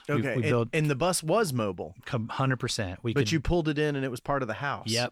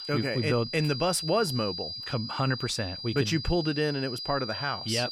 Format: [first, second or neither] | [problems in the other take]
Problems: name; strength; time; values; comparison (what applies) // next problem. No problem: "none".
first | high-pitched whine; loud; throughout; 5 kHz, 6 dB below the speech